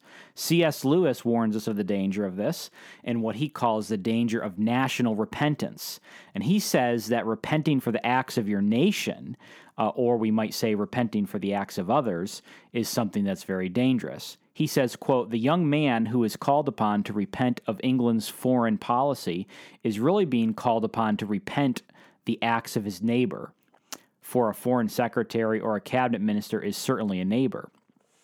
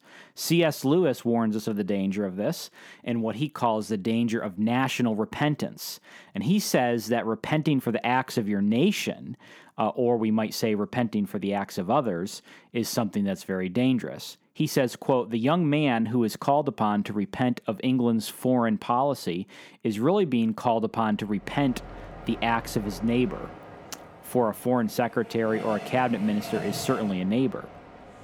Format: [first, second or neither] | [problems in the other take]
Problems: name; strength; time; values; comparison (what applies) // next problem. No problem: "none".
first | train or aircraft noise; noticeable; from 21 s on; 15 dB below the speech